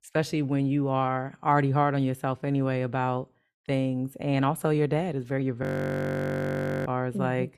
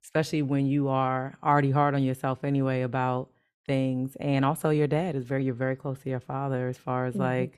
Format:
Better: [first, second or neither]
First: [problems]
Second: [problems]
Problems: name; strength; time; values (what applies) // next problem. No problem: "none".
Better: second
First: audio freezing; at 5.5 s for 1 s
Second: none